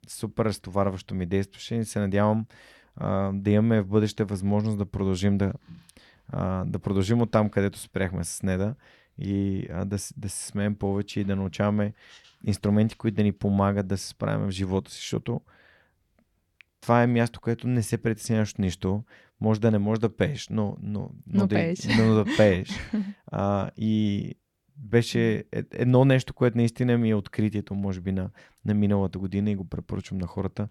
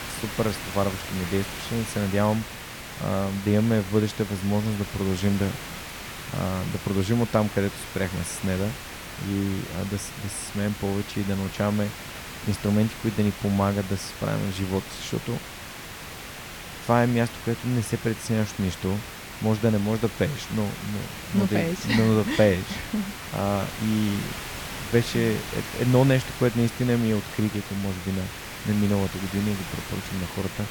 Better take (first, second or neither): first